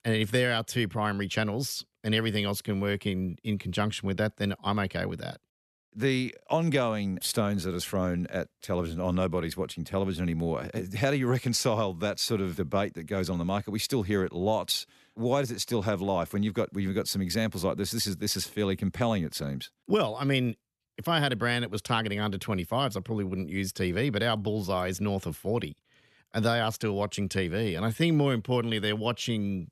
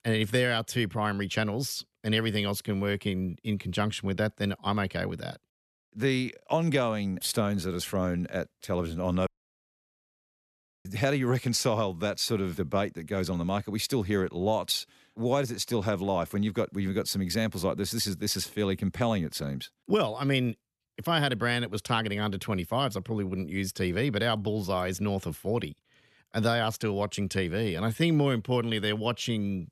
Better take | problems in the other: first | audio cutting out; at 9.5 s for 1.5 s

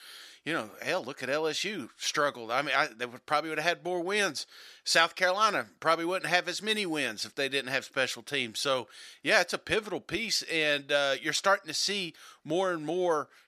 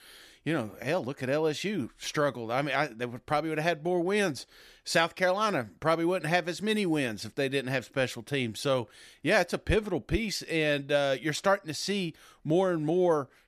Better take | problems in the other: second | thin; somewhat; fading below 1 kHz

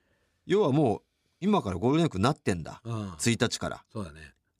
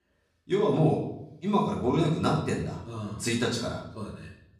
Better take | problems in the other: first | room echo; noticeable; dies away in 0.7 s // off-mic speech; far

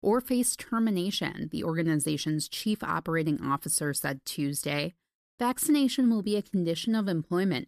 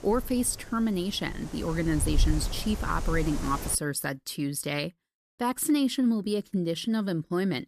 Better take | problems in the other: first | wind noise on the microphone; occasional gusts; until 4 s; 10 dB below the speech

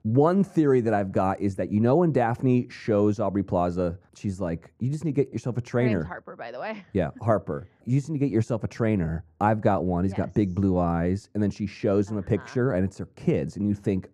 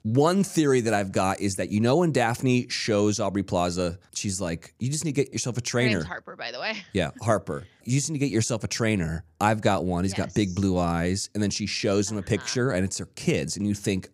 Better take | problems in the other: second | muffled; very; fading above 2.5 kHz

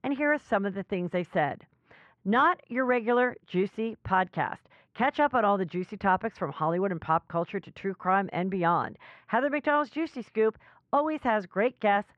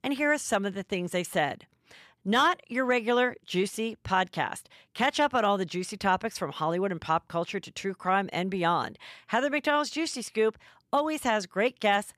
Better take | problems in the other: second | muffled; very; fading above 1.5 kHz

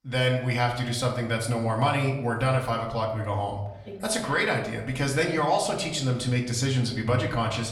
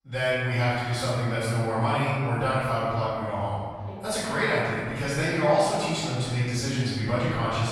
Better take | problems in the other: first | room echo; strong; dies away in 1.7 s; slight in the first // off-mic speech; far; far in the first

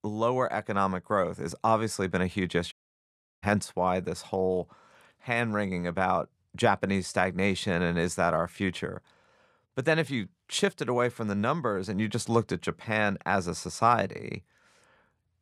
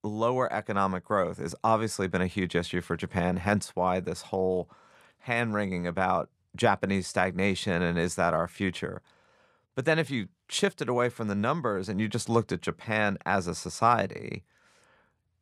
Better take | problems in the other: second | audio cutting out; at 2.5 s for 0.5 s

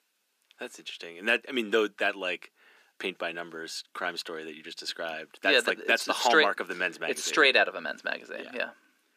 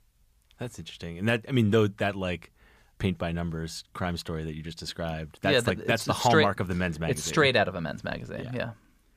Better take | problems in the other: second | thin; somewhat; fading below 300 Hz

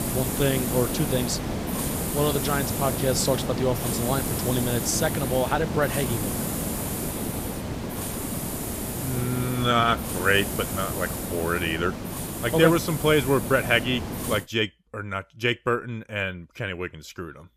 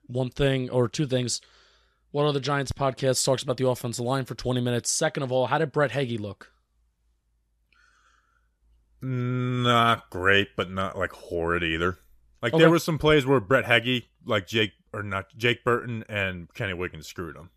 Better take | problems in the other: second | hiss; loud; until 14 s; 3 dB below the speech

